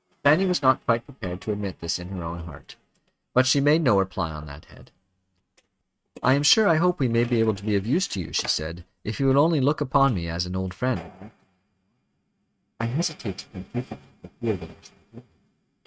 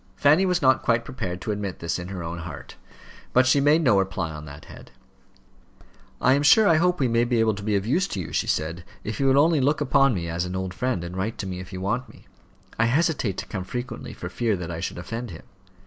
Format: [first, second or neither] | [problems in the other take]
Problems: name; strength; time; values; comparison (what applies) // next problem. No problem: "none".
second | noise reduction (neural mask model RNNoise)